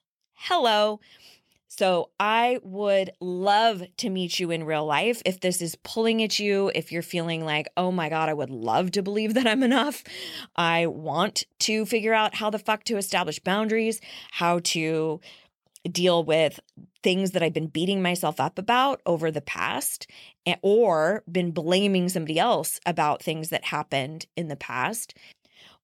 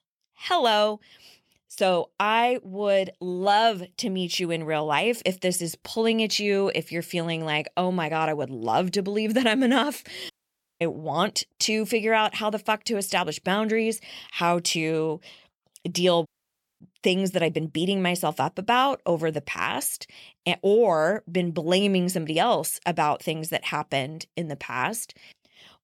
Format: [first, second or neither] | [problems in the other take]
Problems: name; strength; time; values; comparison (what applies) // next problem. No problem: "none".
first | audio cutting out; at 10 s for 0.5 s and at 16 s for 0.5 s